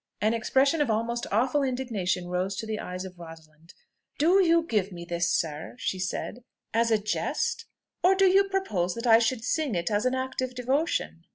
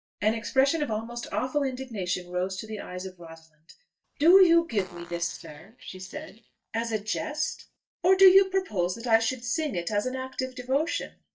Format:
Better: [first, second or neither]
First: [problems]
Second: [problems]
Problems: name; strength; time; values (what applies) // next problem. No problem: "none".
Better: first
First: none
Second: noise reduction (neural mask model DeepFilterNet 3)